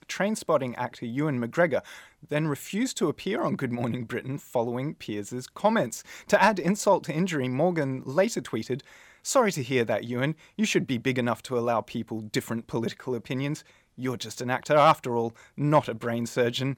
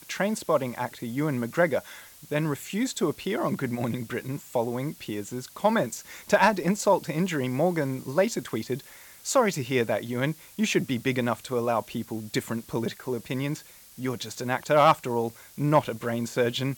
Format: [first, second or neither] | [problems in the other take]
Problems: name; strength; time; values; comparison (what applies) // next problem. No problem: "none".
first | hiss; faint; throughout; 20 dB below the speech